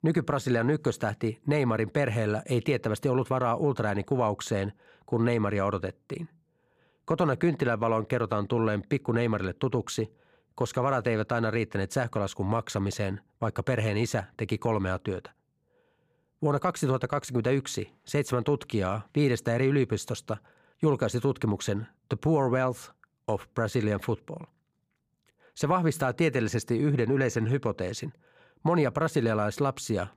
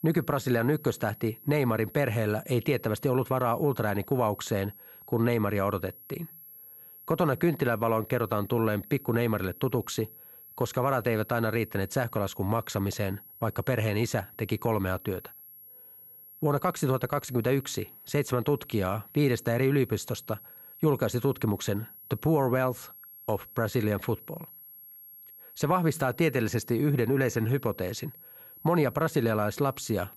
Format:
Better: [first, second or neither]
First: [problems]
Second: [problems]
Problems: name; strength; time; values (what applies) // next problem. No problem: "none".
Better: first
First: none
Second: high-pitched whine; noticeable; throughout; 11.5 kHz, 20 dB below the speech